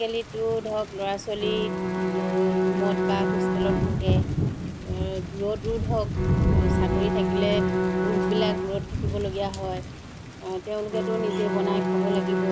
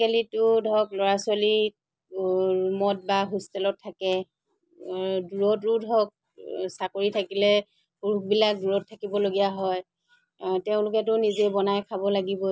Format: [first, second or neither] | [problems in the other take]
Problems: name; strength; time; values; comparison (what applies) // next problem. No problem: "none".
second | background sound (Thunder / Rain + Bowed string instrument); 5 dB above the speech